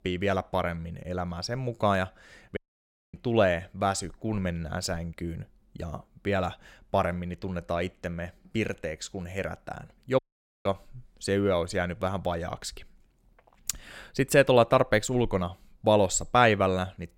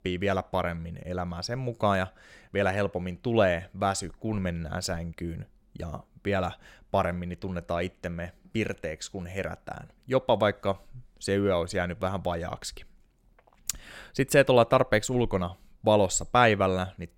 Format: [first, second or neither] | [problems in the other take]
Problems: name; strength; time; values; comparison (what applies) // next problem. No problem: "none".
second | audio cutting out; at 2.5 s for 0.5 s and at 10 s